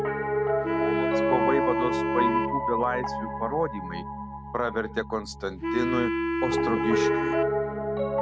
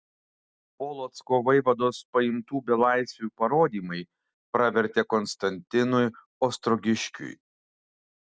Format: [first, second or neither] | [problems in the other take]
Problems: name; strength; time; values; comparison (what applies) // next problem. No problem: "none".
second | background sound (Piano + Wind instrument, woodwind instrument); 5 dB above the speech